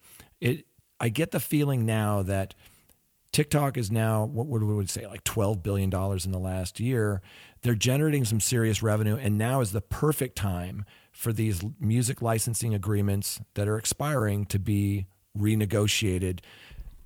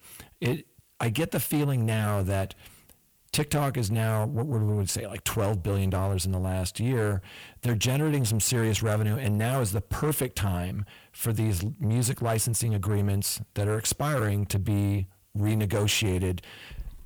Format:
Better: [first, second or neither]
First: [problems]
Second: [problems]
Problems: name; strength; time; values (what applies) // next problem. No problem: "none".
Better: first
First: none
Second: distortion; slight; 10 dB below the speech